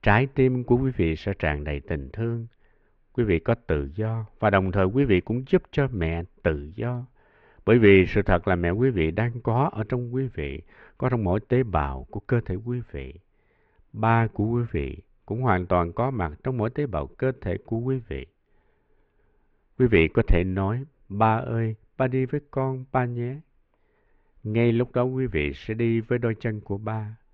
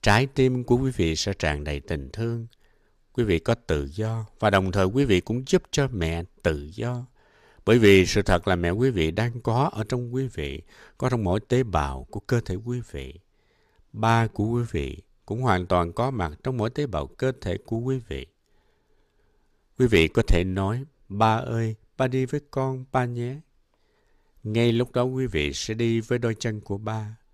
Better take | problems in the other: second | muffled; very; fading above 2.5 kHz

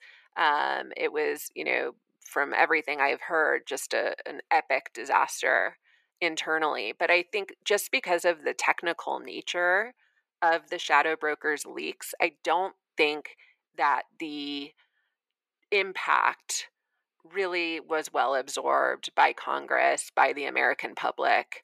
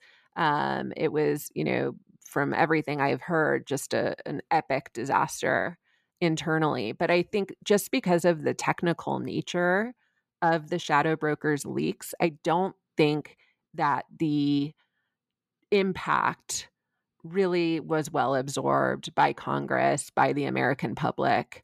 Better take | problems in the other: second | thin; very; fading below 450 Hz

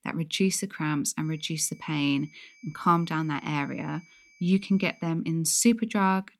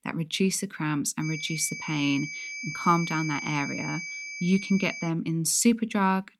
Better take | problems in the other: first | high-pitched whine; loud; from 1 to 5 s; 2.5 kHz, 8 dB below the speech; faint in the first

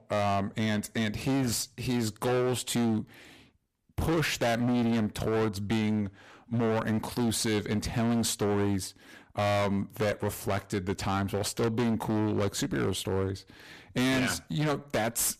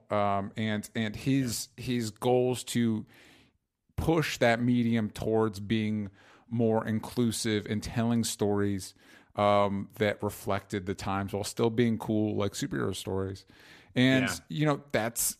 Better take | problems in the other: second | distortion; heavy; 22% of the sound clipped

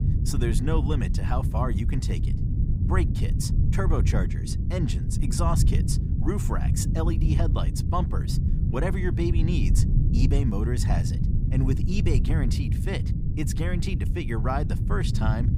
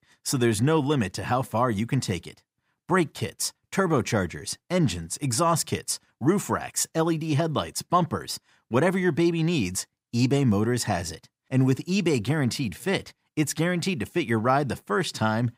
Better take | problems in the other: second | low rumble; loud; throughout; 5 dB below the speech

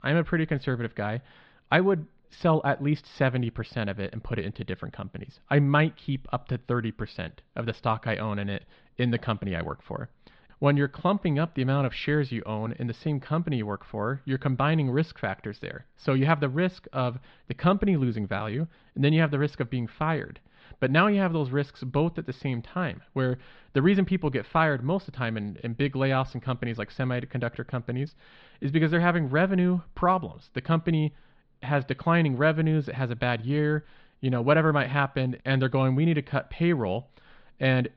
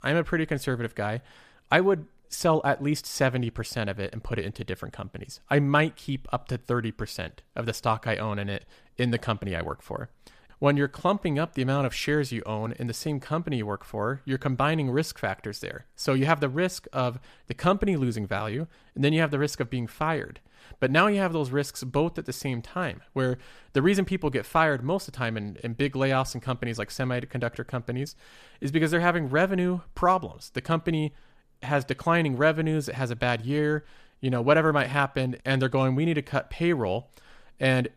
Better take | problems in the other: second | muffled; slightly; fading above 4 kHz

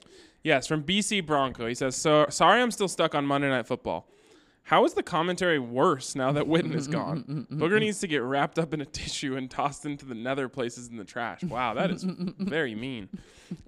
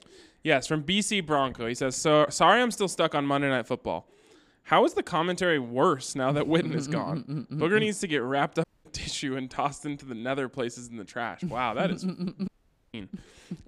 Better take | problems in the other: first | audio cutting out; at 8.5 s and at 12 s

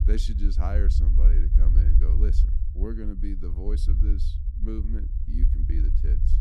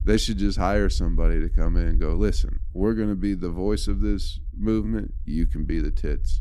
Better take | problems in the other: second | low rumble; loud; throughout; 4 dB below the speech; faint in the second

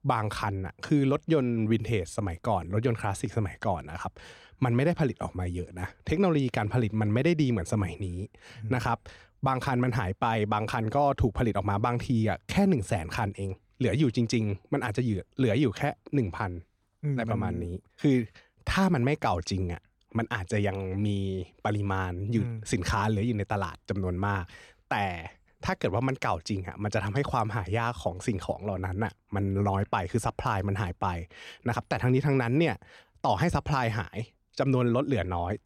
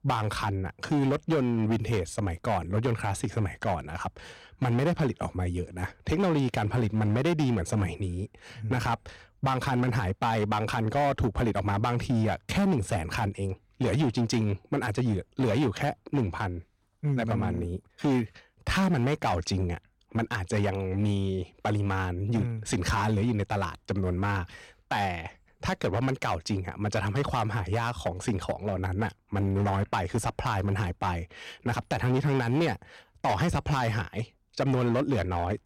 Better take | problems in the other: first | distortion; slight; 11% of the sound clipped

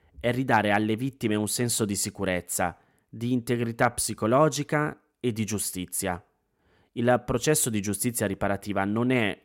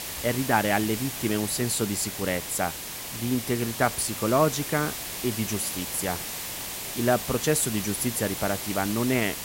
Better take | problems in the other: first | hiss; loud; throughout; 5 dB below the speech

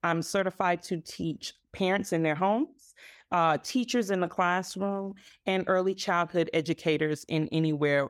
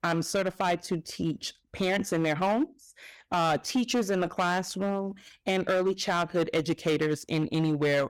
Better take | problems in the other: first | distortion; slight; 9% of the sound clipped

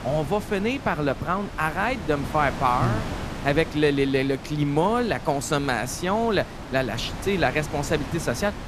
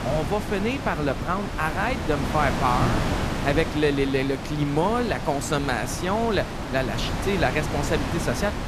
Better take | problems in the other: first | wind noise on the microphone; heavy; 5 dB below the speech; occasional gusts in the first

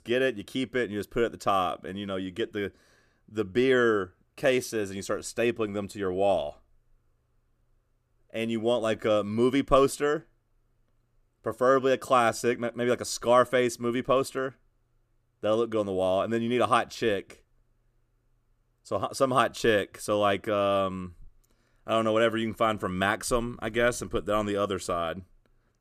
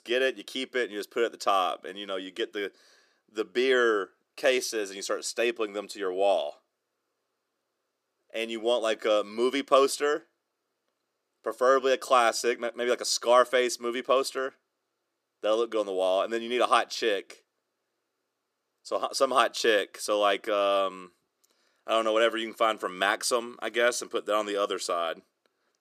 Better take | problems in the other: first | thin; somewhat; fading below 350 Hz

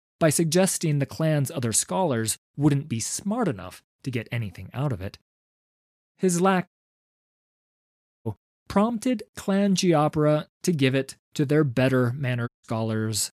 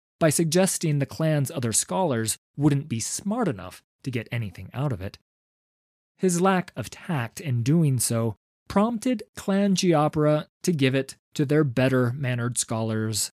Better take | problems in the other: second | audio cutting out; at 6.5 s for 1.5 s and at 12 s

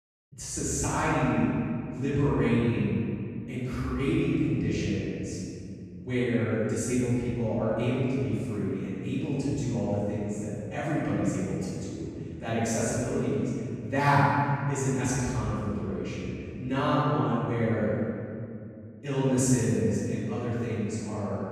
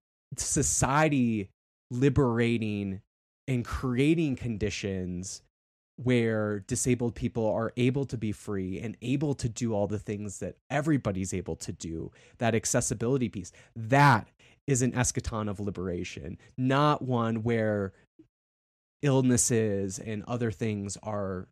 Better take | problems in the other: second | off-mic speech; far // room echo; strong; dies away in 2.4 s

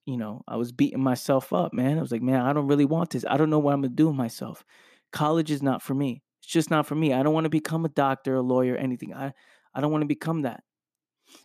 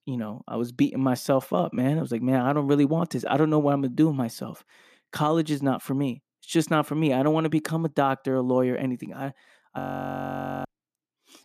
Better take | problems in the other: first | audio freezing; at 10 s for 1 s

